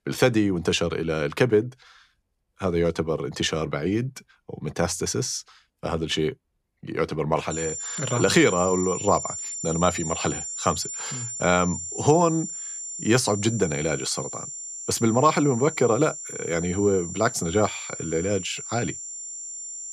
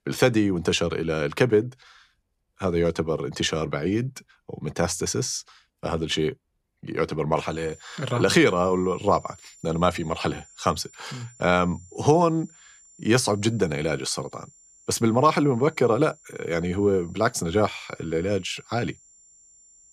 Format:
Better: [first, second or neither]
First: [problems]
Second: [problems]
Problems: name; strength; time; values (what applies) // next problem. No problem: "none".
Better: second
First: high-pitched whine; loud; from 7.5 s on; 7 kHz, 7 dB below the speech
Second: high-pitched whine; faint; from 7.5 s on; 7 kHz, 25 dB below the speech